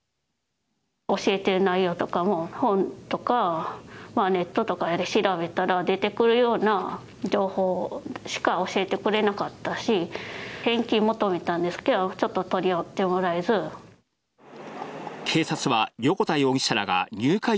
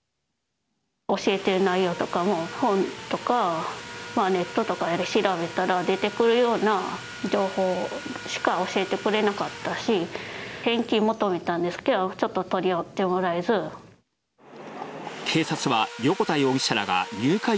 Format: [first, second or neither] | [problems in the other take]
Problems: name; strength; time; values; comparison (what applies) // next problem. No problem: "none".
first | background sound (Sawing); 15 dB below the speech